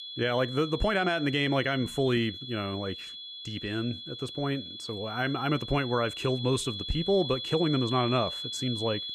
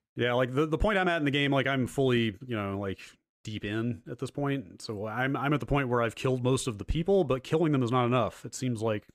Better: second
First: high-pitched whine; loud; throughout; 3.5 kHz, 7 dB below the speech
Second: none

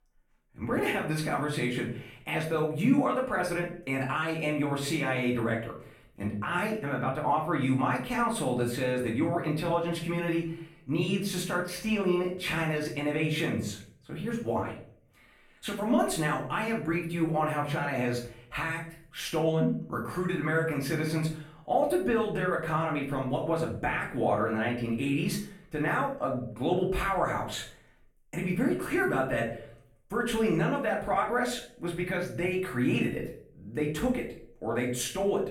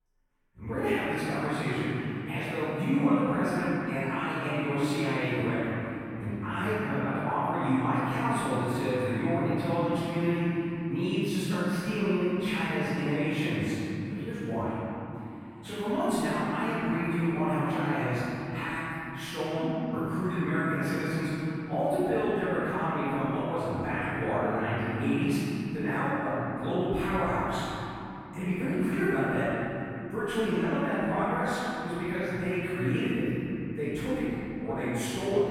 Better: first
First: room echo; slight; dies away in 0.4 s // off-mic speech; far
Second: room echo; strong; dies away in 3 s // off-mic speech; far

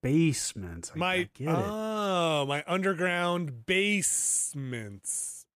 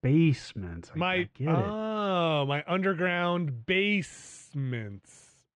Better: first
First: none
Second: muffled; very; fading above 4 kHz

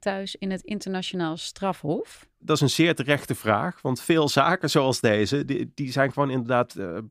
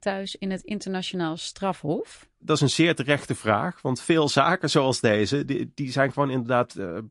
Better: first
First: none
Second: garbled, watery; slightly

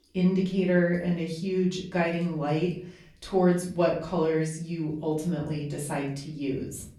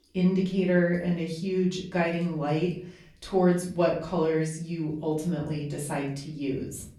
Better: neither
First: off-mic speech; far // room echo; slight; dies away in 0.5 s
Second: off-mic speech; far // room echo; slight; dies away in 0.5 s

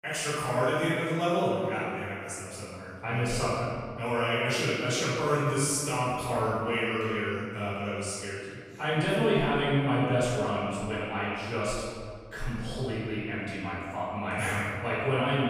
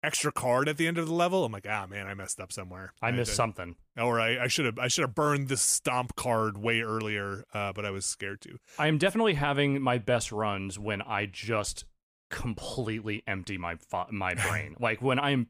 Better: second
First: room echo; strong; dies away in 1.7 s // off-mic speech; far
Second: none

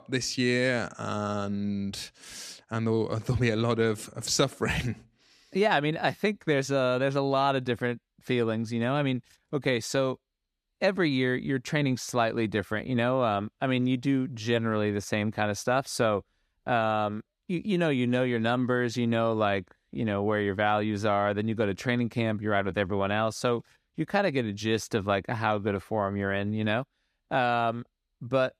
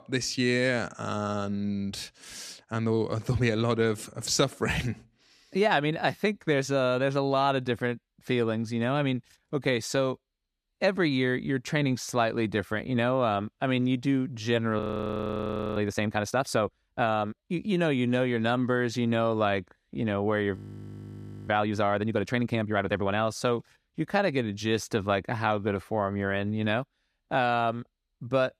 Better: first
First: none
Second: audio freezing; at 15 s for 1 s and at 21 s for 1 s

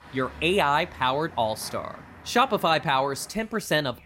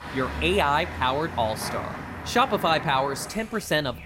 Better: first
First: traffic noise; faint; throughout; 20 dB below the speech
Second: traffic noise; loud; throughout; 10 dB below the speech

